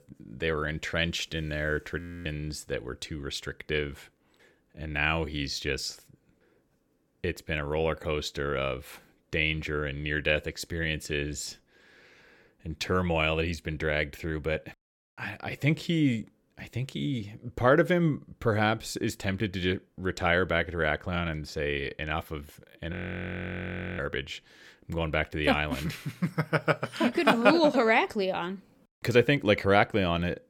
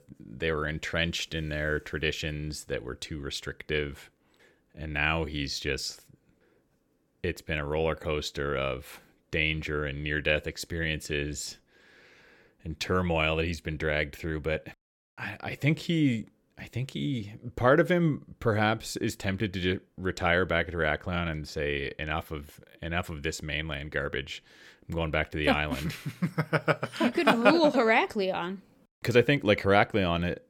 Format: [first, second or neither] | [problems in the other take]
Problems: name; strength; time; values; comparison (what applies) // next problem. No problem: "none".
second | audio freezing; at 2 s and at 23 s for 1 s